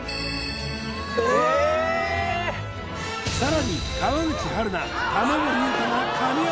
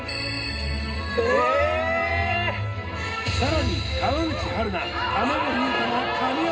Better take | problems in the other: first | room echo; dies away in 0.2 s

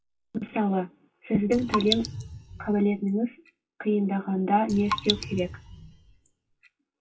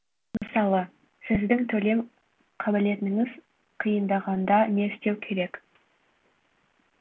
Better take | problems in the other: second | noise reduction (classical method WPE with log-MMSE)

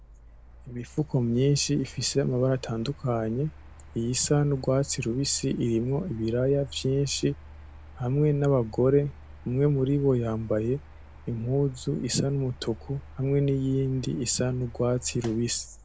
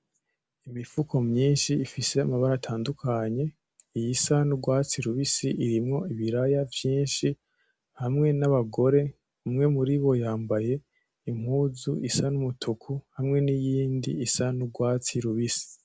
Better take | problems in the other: second | background sound (Mechanical fan); 19 dB below the speech

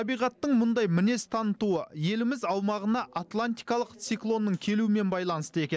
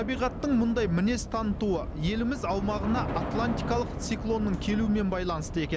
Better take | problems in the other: first | background sound (Subway, metro, underground / Train); 5 dB below the speech

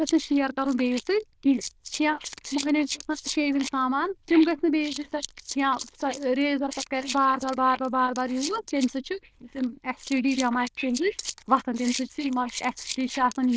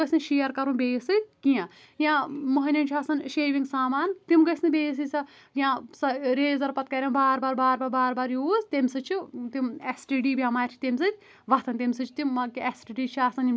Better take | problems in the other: second | noise reduction (neural diffusion model UNIVERSE++)

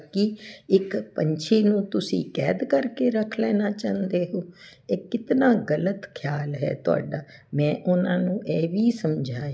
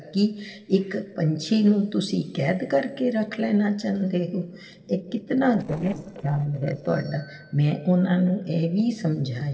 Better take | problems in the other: first | noise reduction (neural separator model SepFormer DNS4)

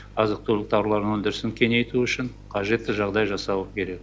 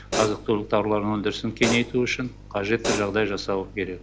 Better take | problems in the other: first | background sound (Hi-hat); 8 dB below the speech

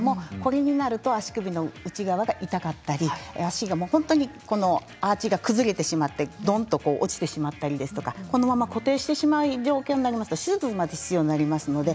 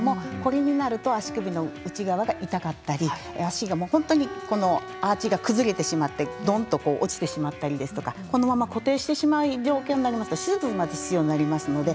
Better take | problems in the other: first | background sound (Bowed string instrument + Piano); 14 dB below the speech

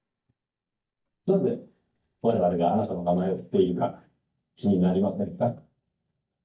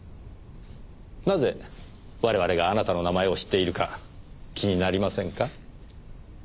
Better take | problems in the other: second | noise reduction (neural mask model DeepFilterNet 3)

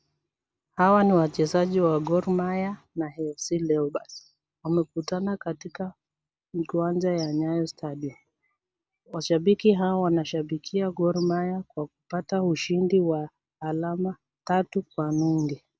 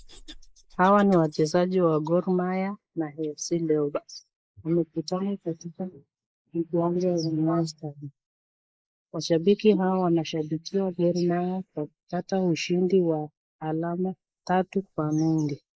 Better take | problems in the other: first | noise reduction (neural mask model Resemble Enhance denoiser)

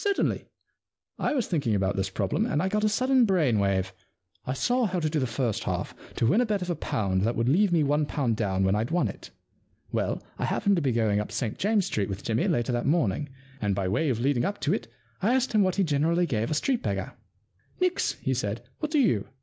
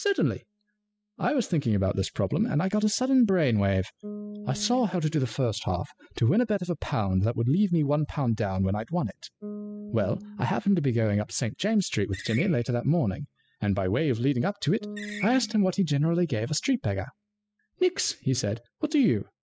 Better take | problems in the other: first | noise reduction (classical method spectral subtraction)

